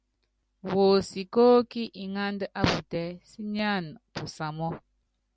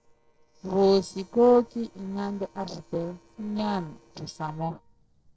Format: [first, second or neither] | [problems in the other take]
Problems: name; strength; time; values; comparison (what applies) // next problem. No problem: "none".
first | noise reduction (neural separator model SepFormer DNS4)